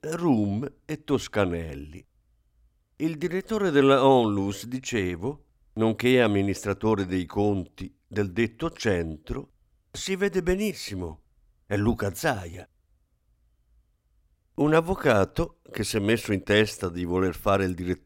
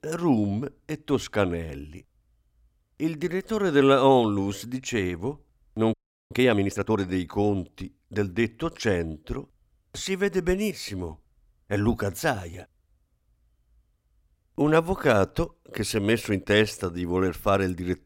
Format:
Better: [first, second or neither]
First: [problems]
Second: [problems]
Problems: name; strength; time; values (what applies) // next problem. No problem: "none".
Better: first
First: none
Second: audio freezing; at 6 s